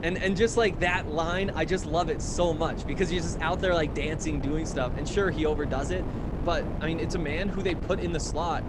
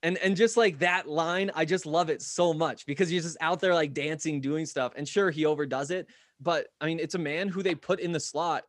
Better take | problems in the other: second | wind noise on the microphone; occasional gusts; 10 dB below the speech

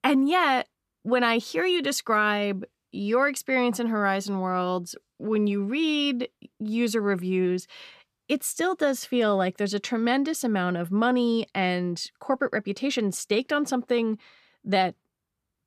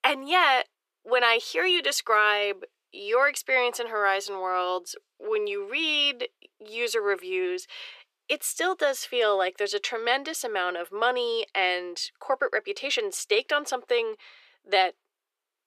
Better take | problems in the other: first | thin; very; fading below 400 Hz

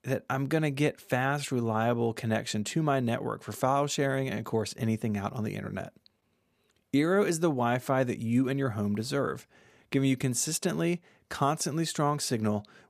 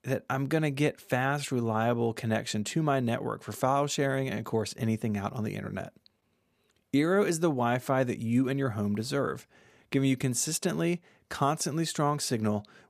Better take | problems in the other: neither | none

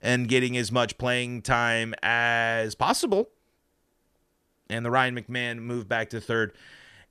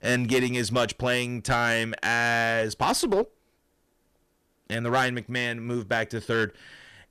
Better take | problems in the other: first | distortion; slight; 5% of the sound clipped

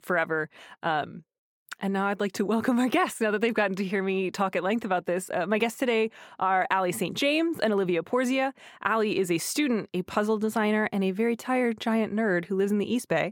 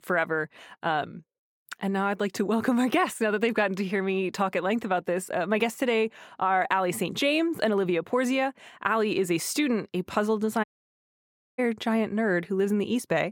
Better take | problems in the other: first | audio cutting out; at 11 s for 1 s

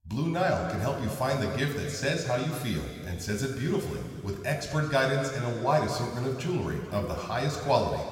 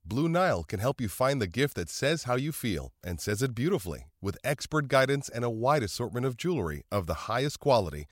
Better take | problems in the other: second | room echo; noticeable; dies away in 2.3 s // off-mic speech; somewhat distant

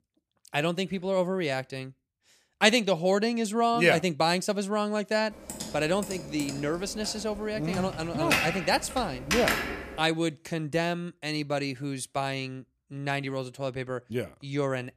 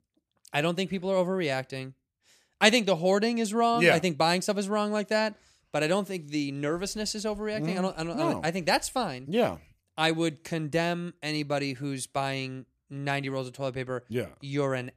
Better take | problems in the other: second | keyboard typing; loud; from 5.5 to 10 s; peak 2 dB above the speech

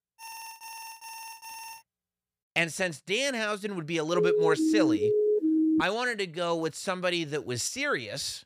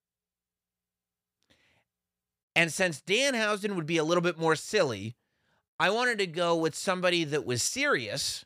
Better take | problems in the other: second | alarm; faint; until 2 s; peak 10 dB below the speech // siren; loud; from 4 to 6 s; peak 5 dB above the speech

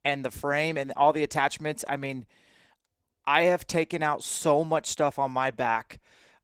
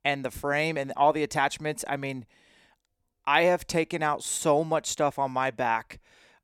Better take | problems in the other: second | garbled, watery; slightly; nothing above 17.5 kHz

